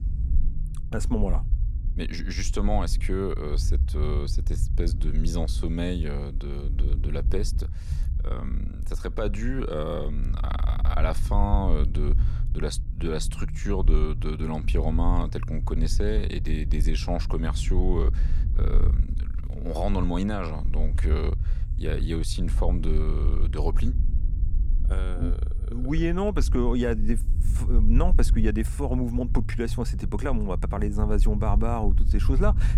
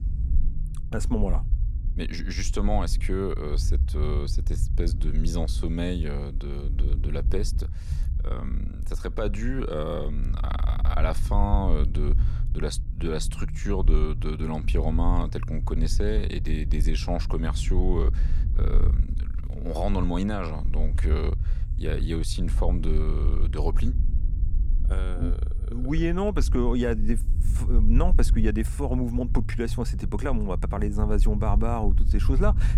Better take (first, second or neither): neither